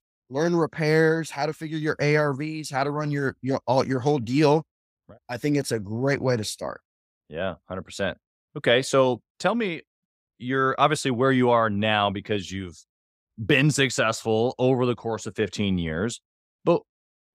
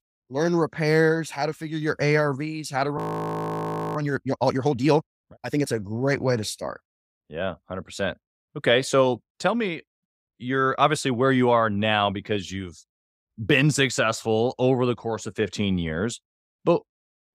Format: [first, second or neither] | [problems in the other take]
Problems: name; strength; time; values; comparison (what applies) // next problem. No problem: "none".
first | audio freezing; at 3 s for 1 s